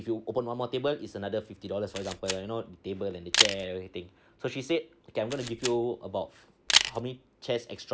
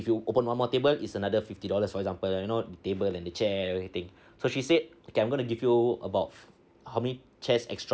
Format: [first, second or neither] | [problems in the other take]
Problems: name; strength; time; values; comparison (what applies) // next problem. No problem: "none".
second | background sound (Camera); as loud as the speech